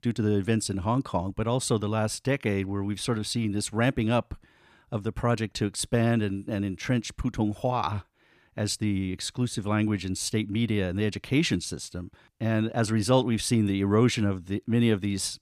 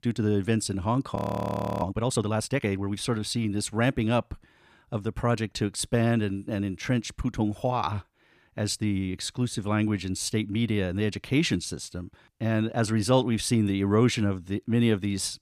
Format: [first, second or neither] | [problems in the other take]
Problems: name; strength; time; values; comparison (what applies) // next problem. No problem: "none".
first | audio freezing; at 1 s for 0.5 s